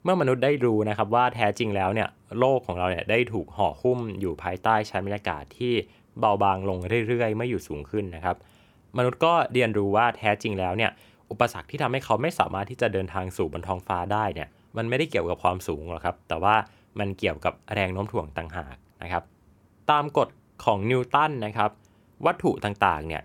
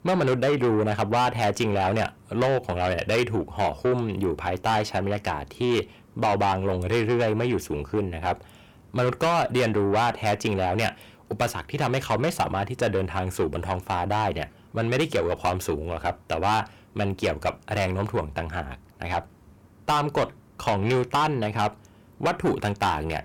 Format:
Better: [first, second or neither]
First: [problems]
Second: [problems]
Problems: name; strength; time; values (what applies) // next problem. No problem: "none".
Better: first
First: none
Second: distortion; heavy; 6 dB below the speech